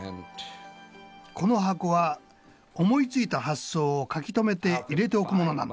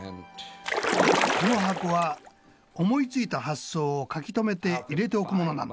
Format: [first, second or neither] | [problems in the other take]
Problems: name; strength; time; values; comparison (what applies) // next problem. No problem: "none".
first | background sound (Splash, splatter); 2 dB above the speech